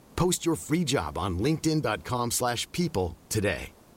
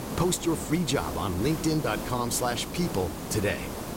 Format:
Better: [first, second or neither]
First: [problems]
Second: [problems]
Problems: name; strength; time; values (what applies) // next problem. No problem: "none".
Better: first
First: hiss; faint; throughout; 25 dB below the speech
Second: hiss; loud; throughout; 7 dB below the speech